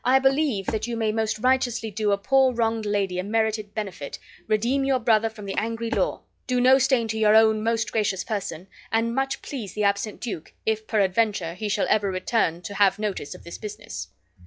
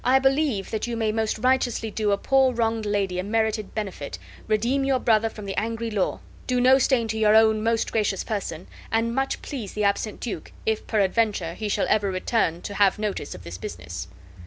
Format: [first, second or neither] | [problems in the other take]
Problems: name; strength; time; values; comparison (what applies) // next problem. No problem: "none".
second | noise reduction (classical method log-MMSE)